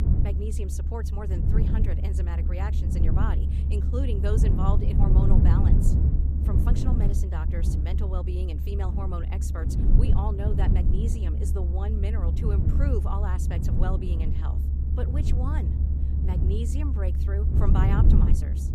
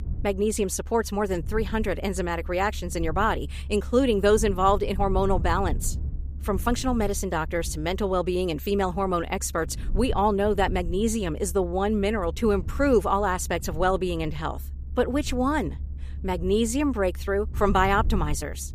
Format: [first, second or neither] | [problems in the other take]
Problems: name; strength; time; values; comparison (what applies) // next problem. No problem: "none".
second | low rumble; loud; throughout; 1 dB below the speech; faint in the second